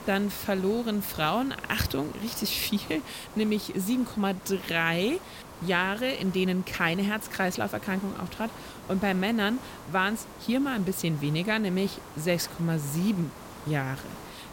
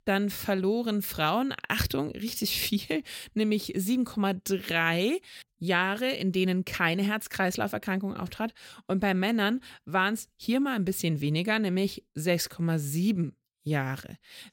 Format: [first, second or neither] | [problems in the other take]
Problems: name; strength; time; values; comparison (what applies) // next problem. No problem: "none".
second | hiss; noticeable; throughout; 15 dB below the speech